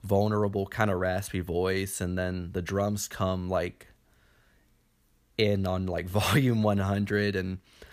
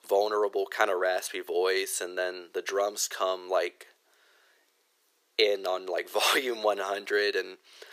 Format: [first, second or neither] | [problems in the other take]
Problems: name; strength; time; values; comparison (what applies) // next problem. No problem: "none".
first | thin; very; fading below 350 Hz